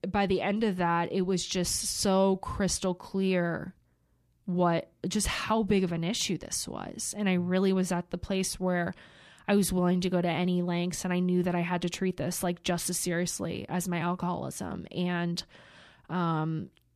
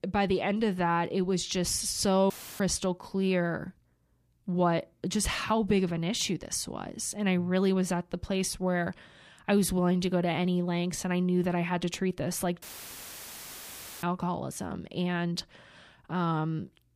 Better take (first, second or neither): first